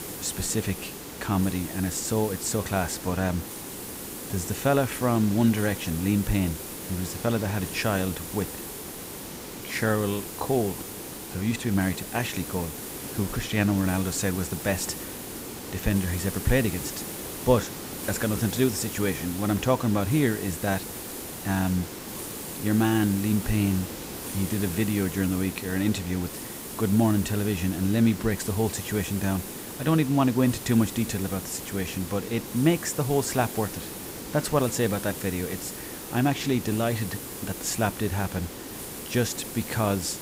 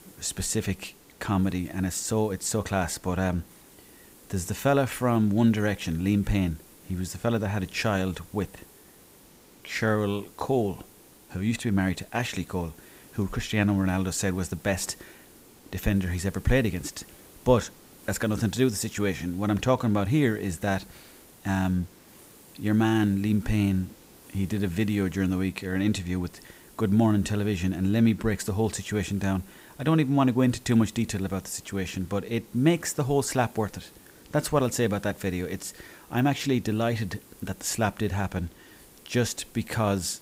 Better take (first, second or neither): second